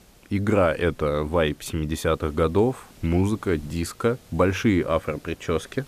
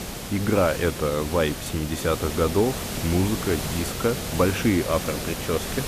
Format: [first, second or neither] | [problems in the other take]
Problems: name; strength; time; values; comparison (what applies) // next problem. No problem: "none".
first | hiss; loud; throughout; 6 dB below the speech; faint in the first